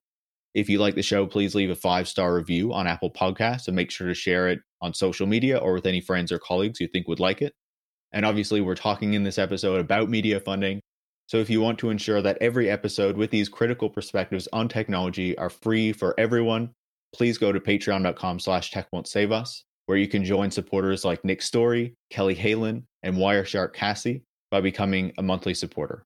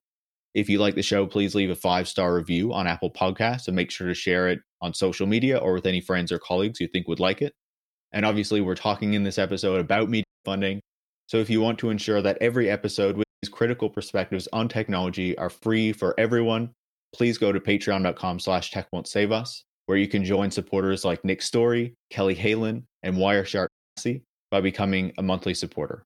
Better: first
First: none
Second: audio cutting out; at 10 s, at 13 s and at 24 s

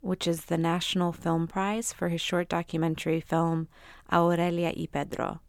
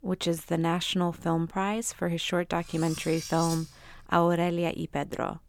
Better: first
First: none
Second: clattering dishes; noticeable; from 2.5 to 4 s; peak 7 dB below the speech

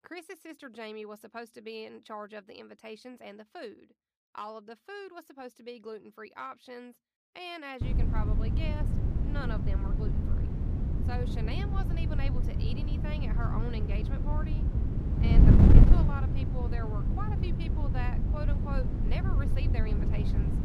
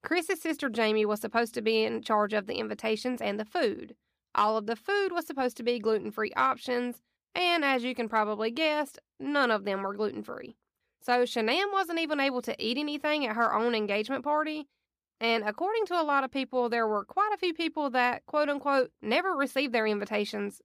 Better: second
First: wind noise on the microphone; heavy; from 8 s on; 2 dB above the speech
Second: none

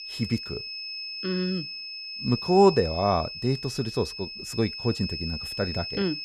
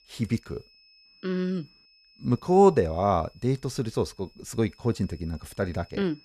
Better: second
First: high-pitched whine; loud; throughout; 5 kHz, 7 dB below the speech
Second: high-pitched whine; faint; throughout; 5 kHz, 30 dB below the speech

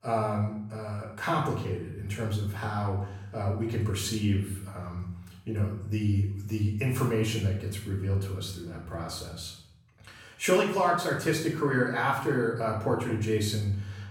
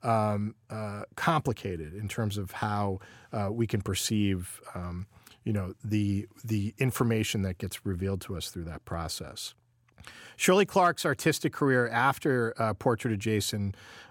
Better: second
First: off-mic speech; far // room echo; noticeable; dies away in 0.7 s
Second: none

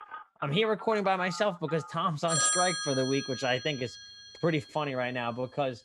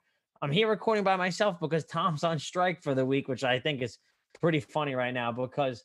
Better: second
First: alarms or sirens; loud; throughout; 3 dB below the speech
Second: none

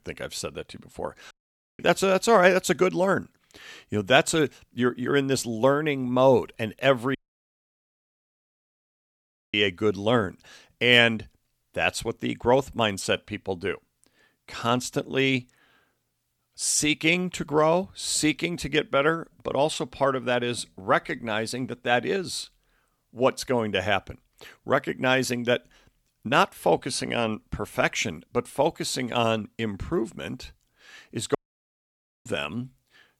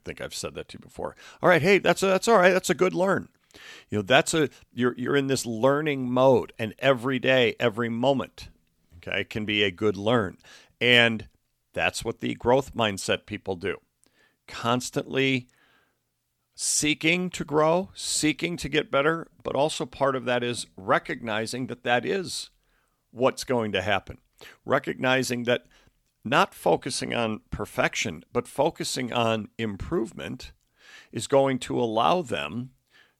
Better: second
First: audio cutting out; at 1.5 s, at 7 s for 2.5 s and at 31 s for 1 s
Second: none

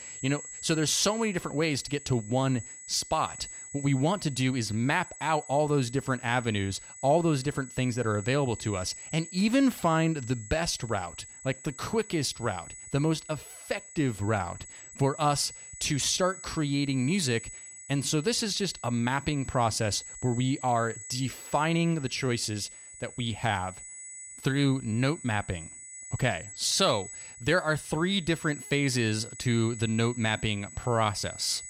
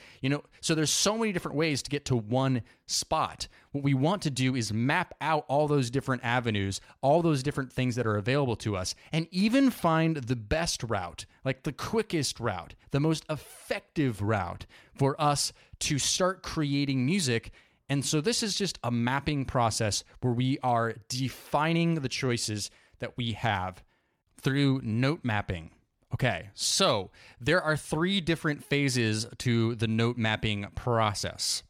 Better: second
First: high-pitched whine; noticeable; throughout; 8 kHz, 15 dB below the speech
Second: none

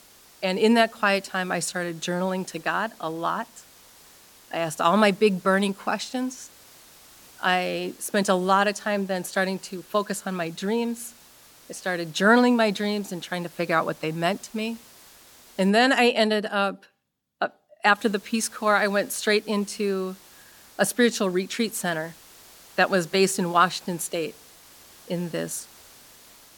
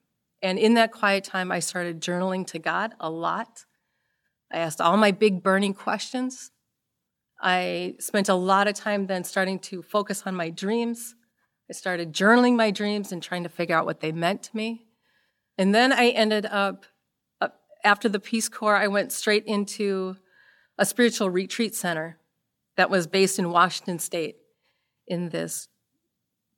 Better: second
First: hiss; faint; until 16 s and from 18 s on; 25 dB below the speech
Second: none

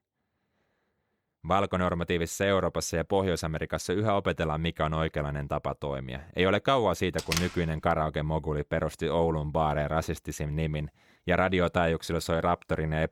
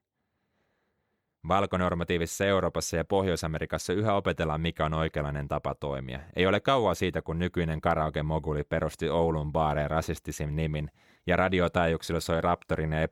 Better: second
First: door banging; noticeable; at 7 s; peak 3 dB below the speech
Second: none

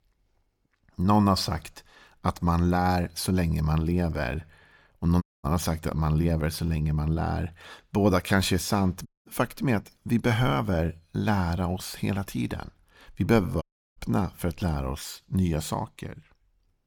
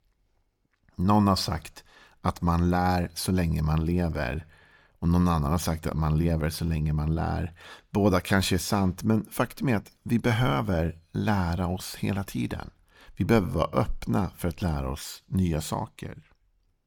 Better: second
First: audio cutting out; at 5 s, at 9 s and at 14 s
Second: none

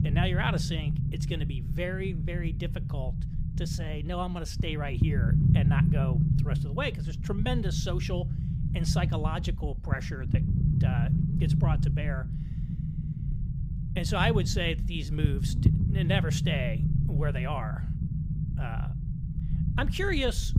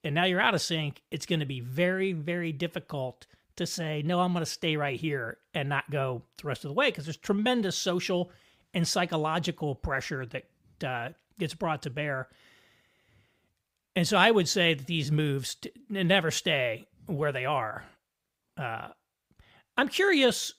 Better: second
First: low rumble; loud; throughout; 6 dB below the speech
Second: none

